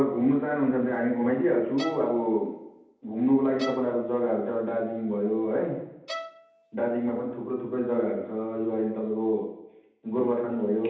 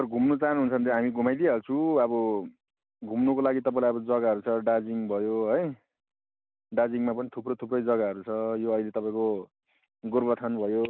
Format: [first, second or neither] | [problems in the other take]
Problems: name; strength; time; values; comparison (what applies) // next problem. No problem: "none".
second | background sound (Bowed string instrument); 16 dB below the speech // room echo; dies away in 0.8 s